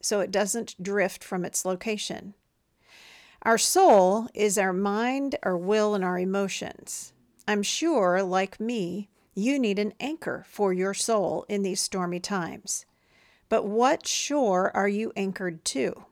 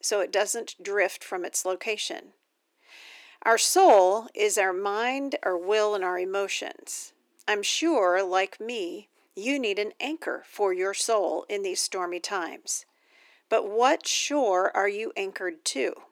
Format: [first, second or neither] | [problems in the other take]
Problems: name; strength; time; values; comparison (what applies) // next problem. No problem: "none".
first | thin; somewhat; fading below 300 Hz